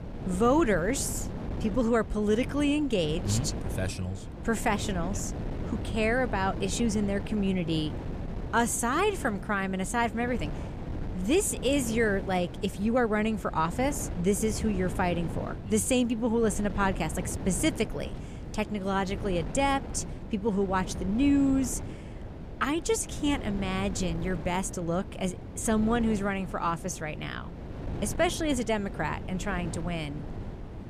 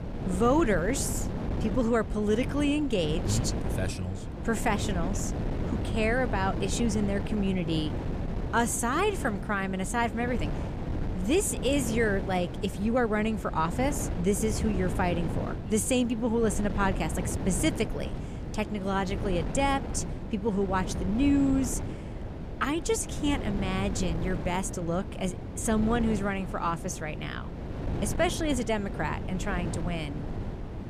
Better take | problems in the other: first | wind noise on the microphone; heavy; 10 dB below the speech; occasional gusts in the first

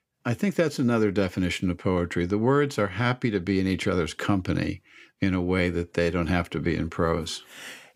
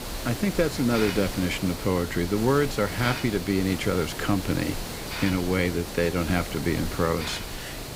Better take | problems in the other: first | hiss; loud; throughout; 7 dB below the speech

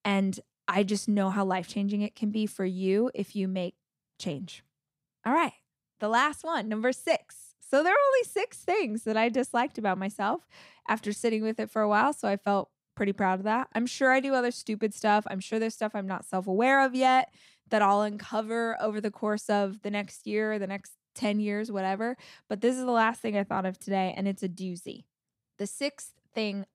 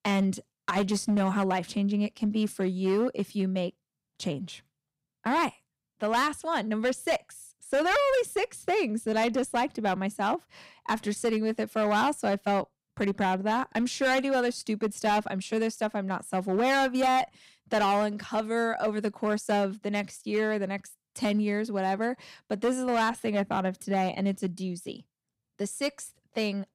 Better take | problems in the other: first | distortion; slight; 8% of the sound clipped

